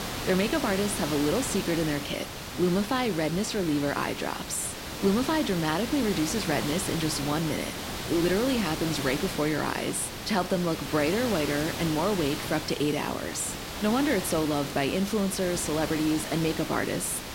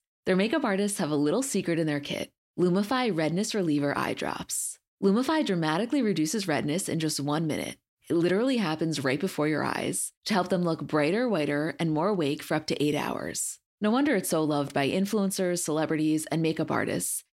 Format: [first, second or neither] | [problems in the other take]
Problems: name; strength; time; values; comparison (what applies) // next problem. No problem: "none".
second | hiss; loud; throughout; 6 dB below the speech